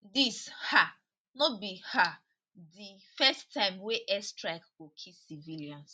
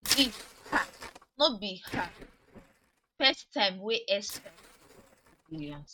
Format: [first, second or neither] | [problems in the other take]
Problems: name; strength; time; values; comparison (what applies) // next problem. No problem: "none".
first | noise reduction (neural mask model RNNoise)